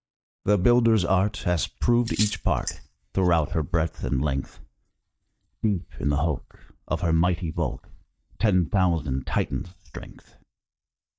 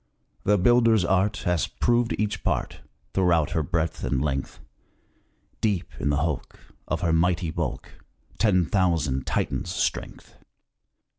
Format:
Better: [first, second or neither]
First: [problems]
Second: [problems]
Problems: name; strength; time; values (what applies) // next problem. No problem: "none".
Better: second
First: noise reduction (neural mask model DeepFilterNet 3)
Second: none